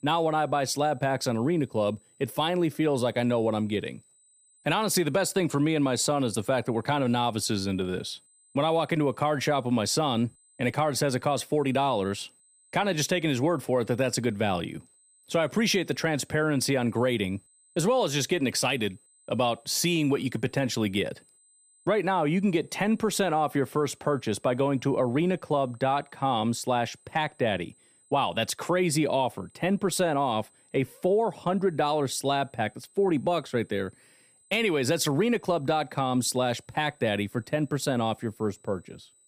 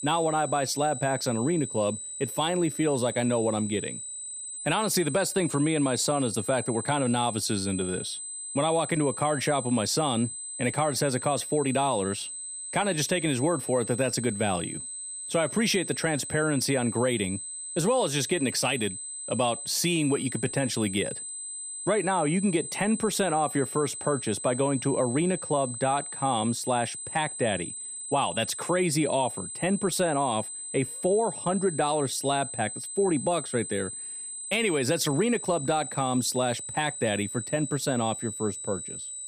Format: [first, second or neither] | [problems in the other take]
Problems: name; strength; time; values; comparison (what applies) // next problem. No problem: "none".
first | high-pitched whine; loud; throughout; 8 kHz, 7 dB below the speech; faint in the first